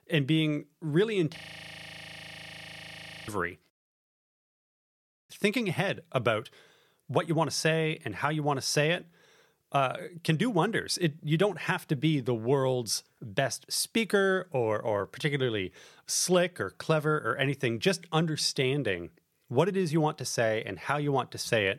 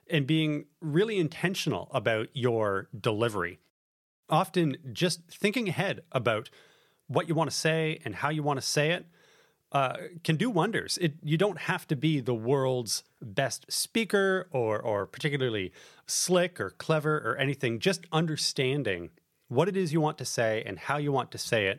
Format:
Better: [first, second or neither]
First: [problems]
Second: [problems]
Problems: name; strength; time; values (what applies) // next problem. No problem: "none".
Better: second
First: audio freezing; at 1.5 s for 2 s and at 4 s for 1 s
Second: none